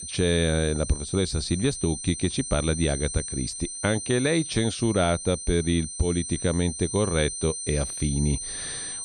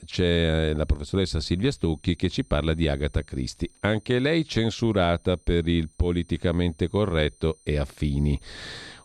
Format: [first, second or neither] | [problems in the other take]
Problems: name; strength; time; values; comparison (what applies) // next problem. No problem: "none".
second | high-pitched whine; loud; throughout; 8.5 kHz, 6 dB below the speech; faint in the second